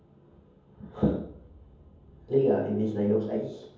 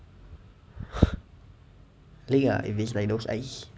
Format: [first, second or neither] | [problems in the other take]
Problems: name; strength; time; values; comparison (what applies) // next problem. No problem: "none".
second | room echo; dies away in 0.7 s